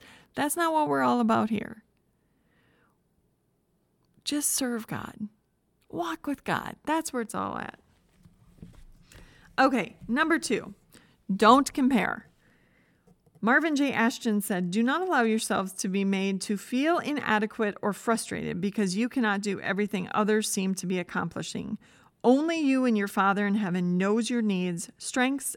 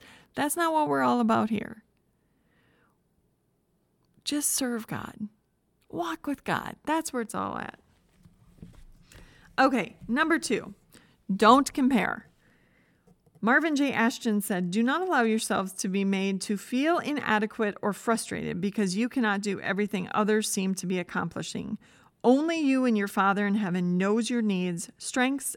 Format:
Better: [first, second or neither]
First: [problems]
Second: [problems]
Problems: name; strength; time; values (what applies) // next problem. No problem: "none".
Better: neither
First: none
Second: none